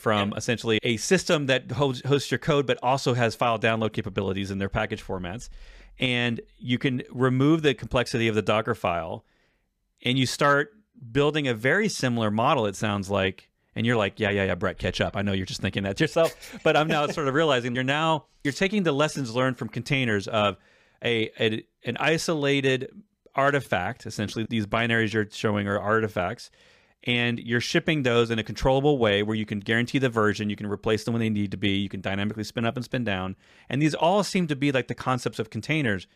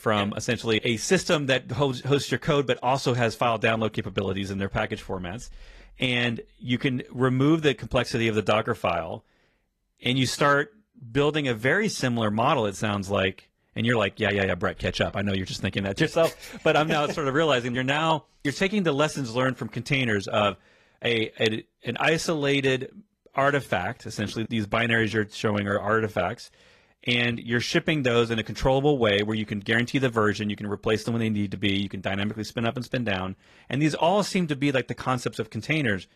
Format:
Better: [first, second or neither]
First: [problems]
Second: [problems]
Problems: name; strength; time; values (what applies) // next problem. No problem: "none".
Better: first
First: none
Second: garbled, watery; slightly; nothing above 13.5 kHz